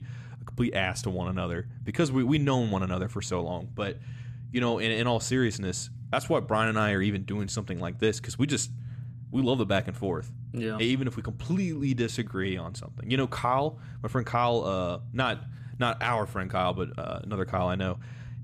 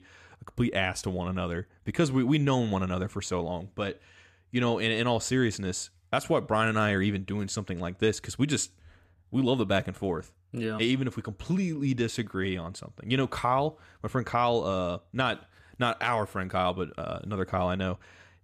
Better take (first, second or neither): second